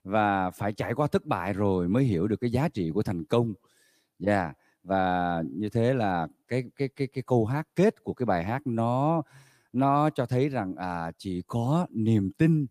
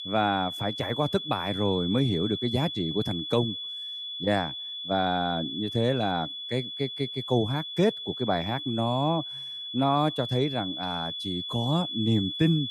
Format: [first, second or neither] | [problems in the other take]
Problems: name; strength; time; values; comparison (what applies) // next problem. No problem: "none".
first | high-pitched whine; loud; throughout; 3.5 kHz, 5 dB below the speech